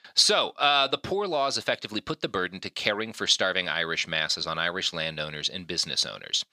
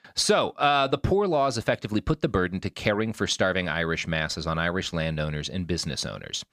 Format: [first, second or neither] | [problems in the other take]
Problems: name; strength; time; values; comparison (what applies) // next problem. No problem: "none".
second | thin; somewhat; fading below 950 Hz